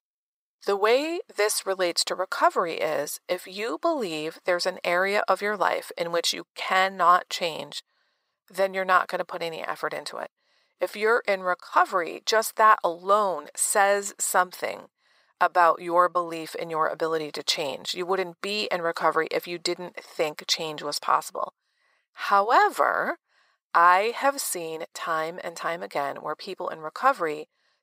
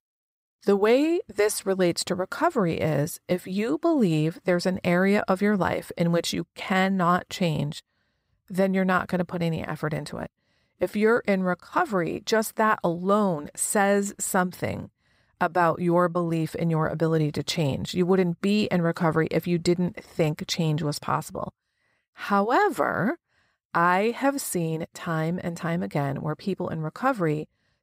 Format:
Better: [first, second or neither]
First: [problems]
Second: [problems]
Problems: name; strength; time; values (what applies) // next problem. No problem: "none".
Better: second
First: thin; very; fading below 600 Hz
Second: none